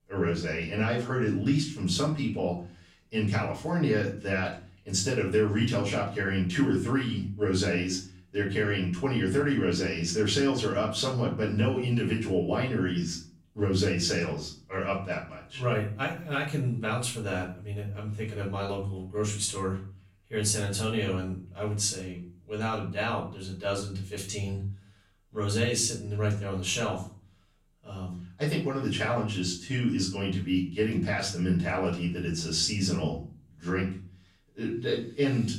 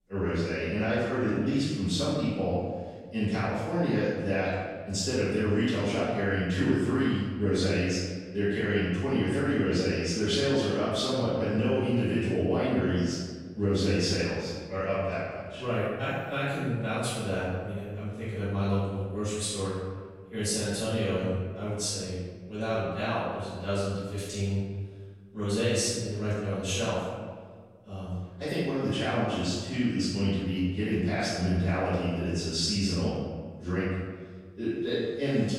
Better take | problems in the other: first | room echo; strong; dies away in 1.5 s; slight in the first // off-mic speech; far; far in the first

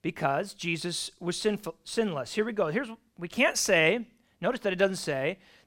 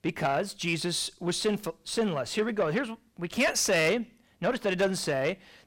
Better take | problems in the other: first | distortion; slight; 10 dB below the speech

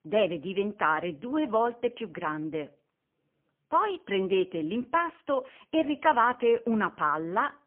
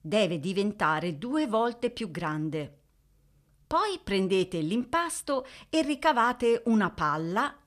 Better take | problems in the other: second | phone-call audio; poor line; nothing above 3 kHz

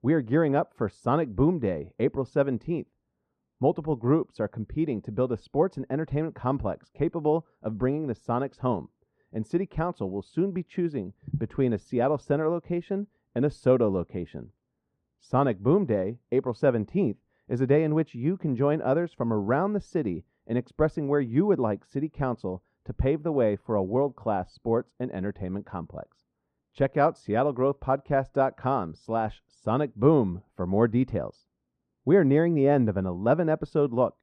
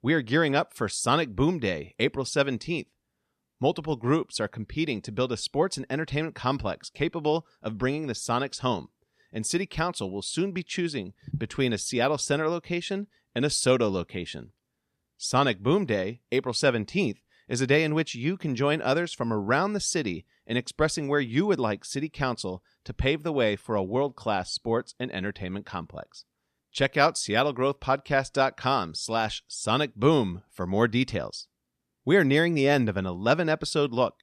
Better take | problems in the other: second | muffled; very; fading above 2 kHz

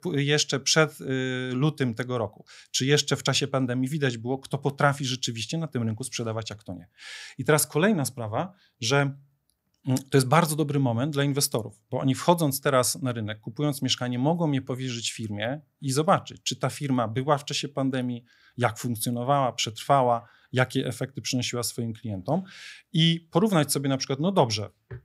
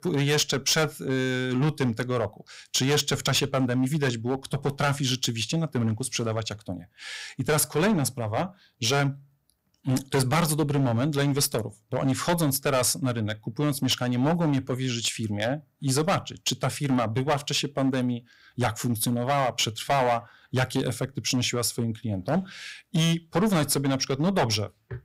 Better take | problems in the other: first | distortion; heavy; 9% of the sound clipped

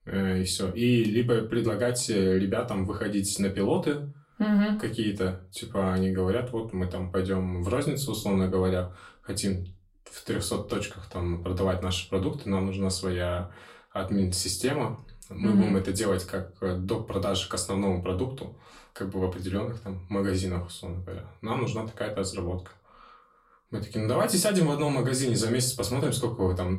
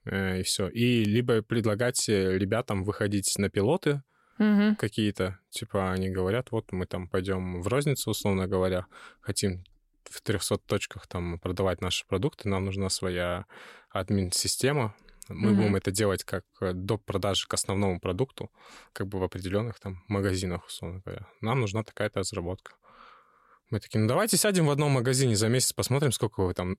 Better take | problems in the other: second | off-mic speech; far // room echo; very slight; dies away in 0.3 s

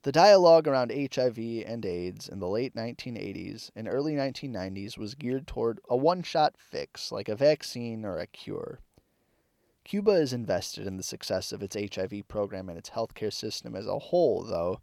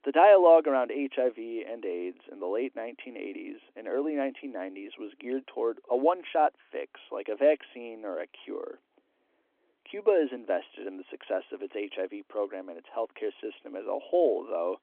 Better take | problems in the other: first | phone-call audio

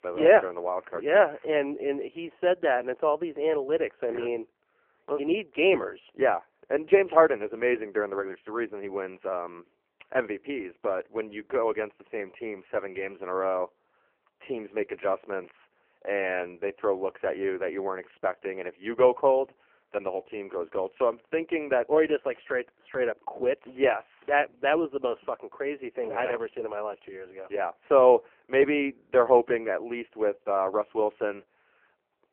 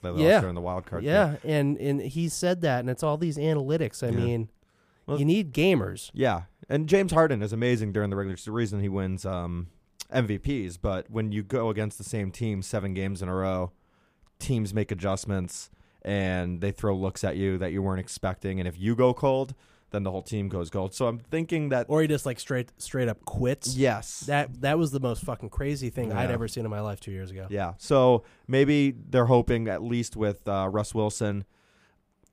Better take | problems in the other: second | phone-call audio; poor line; nothing above 3 kHz

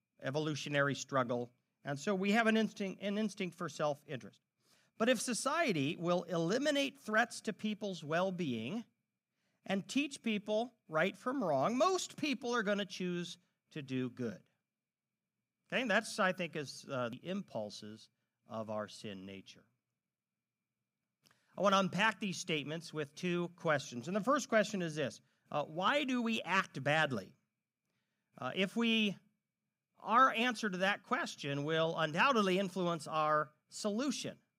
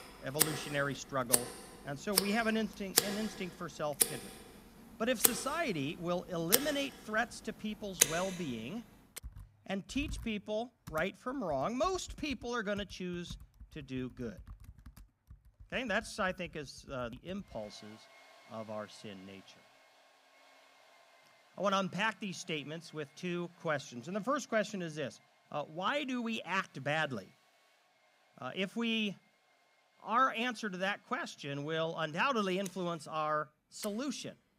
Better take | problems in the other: first | household noises; very loud; throughout; 3 dB above the speech

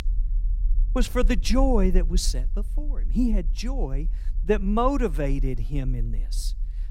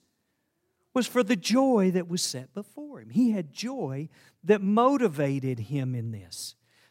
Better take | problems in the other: second | low rumble; faint; throughout; 25 dB below the speech

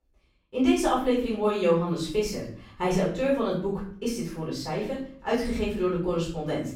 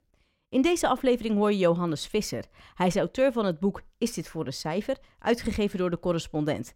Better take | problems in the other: second | room echo; noticeable; dies away in 0.5 s // off-mic speech; far

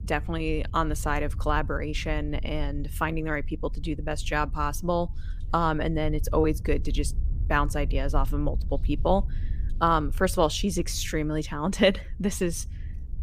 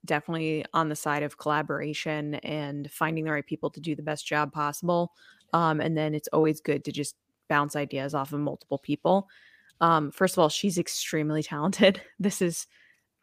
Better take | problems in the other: second | low rumble; faint; throughout; 25 dB below the speech

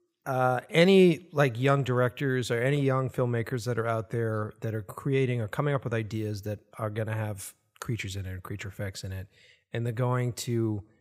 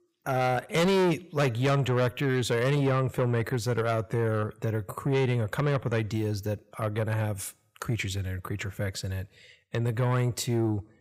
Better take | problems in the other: first | distortion; heavy; 7 dB below the speech

